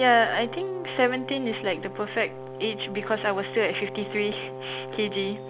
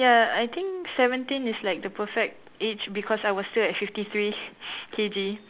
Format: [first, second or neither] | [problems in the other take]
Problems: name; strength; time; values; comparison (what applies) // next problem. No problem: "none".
second | background sound (Brass instrument); 10 dB below the speech